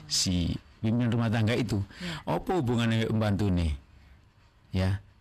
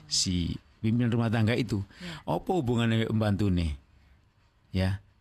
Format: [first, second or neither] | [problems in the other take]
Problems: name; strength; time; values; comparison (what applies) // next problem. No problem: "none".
second | distortion; slight; 10 dB below the speech